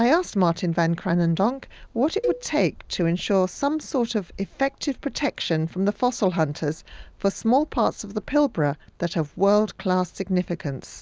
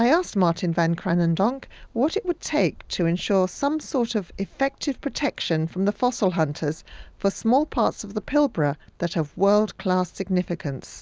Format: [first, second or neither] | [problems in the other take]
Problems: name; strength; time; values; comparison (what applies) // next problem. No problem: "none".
second | background sound (Cowbell); 12 dB below the speech